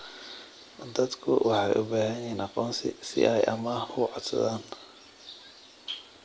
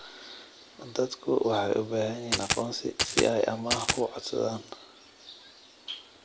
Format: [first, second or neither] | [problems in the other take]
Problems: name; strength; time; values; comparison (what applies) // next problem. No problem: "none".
first | background sound (Coin (dropping)); 1 dB above the speech